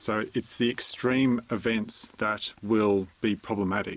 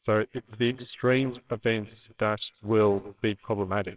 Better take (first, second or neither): first